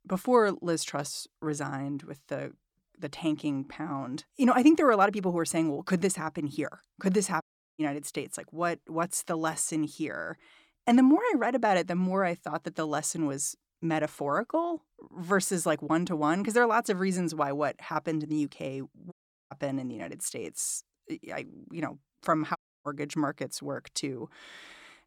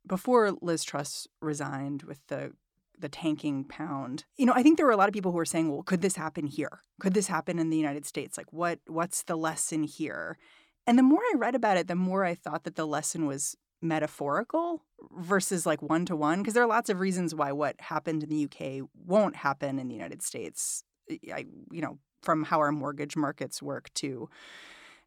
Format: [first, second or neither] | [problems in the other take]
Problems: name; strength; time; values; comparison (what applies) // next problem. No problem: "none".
second | audio cutting out; at 7.5 s, at 19 s and at 23 s